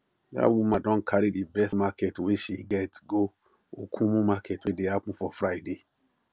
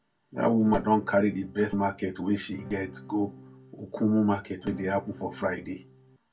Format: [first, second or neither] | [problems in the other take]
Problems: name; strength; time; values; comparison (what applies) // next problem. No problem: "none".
first | background sound (Acoustic guitar / Strum); 18 dB below the speech // room echo; dies away in 0.2 s